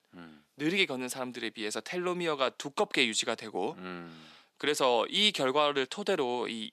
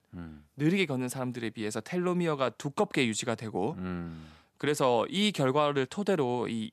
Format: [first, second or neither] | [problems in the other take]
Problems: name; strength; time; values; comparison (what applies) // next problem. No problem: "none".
second | thin; very slightly; fading below 300 Hz